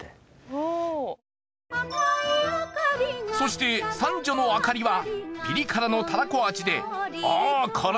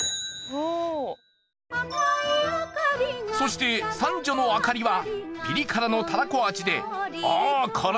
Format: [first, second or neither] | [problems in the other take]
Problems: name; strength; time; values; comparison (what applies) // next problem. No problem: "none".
first | background sound (Bicycle); 16 dB below the speech